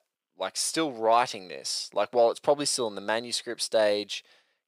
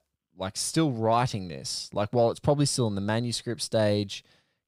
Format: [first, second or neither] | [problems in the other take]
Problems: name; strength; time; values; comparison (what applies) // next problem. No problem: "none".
second | thin; very; fading below 500 Hz